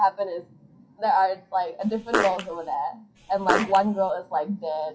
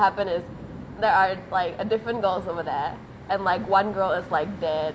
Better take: second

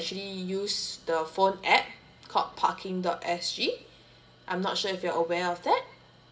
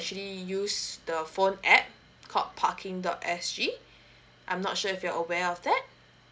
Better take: second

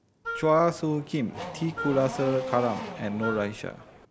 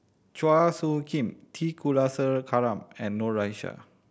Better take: second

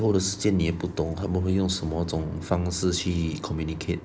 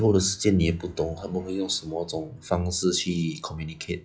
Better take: first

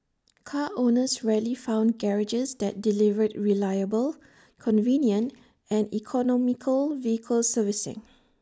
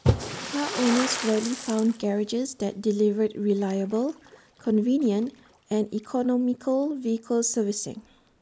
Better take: first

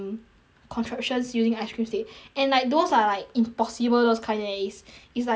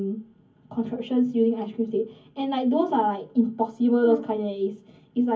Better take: first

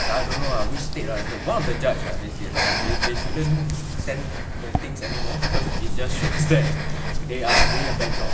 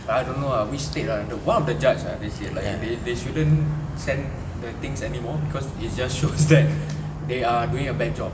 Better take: second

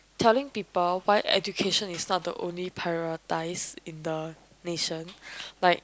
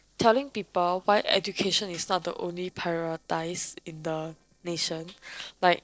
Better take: first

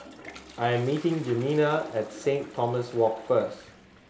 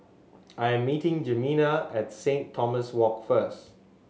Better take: second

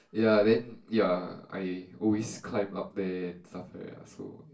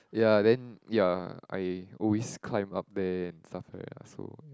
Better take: second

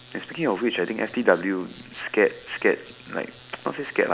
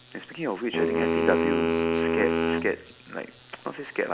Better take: first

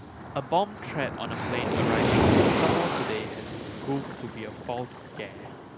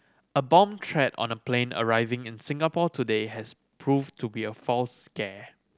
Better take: second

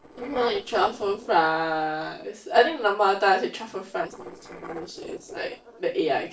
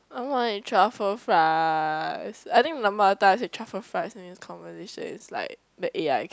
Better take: second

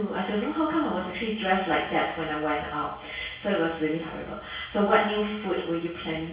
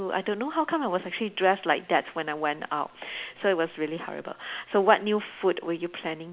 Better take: second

